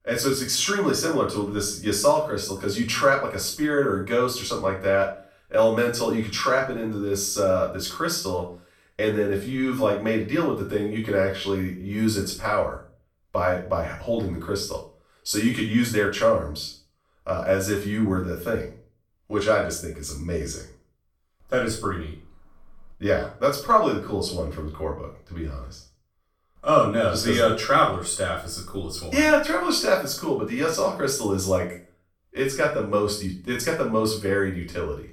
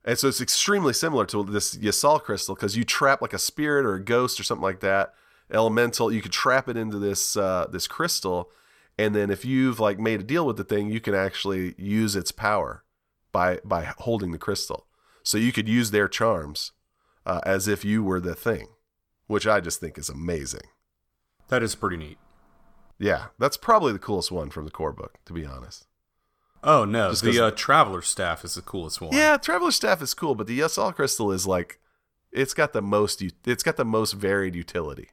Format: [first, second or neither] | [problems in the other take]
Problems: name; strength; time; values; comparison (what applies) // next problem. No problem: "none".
second | off-mic speech; far // room echo; slight; dies away in 0.4 s